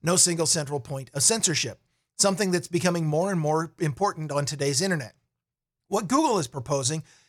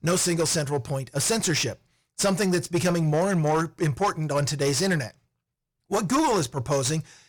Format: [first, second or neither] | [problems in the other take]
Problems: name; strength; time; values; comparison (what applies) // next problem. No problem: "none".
first | distortion; heavy; 7 dB below the speech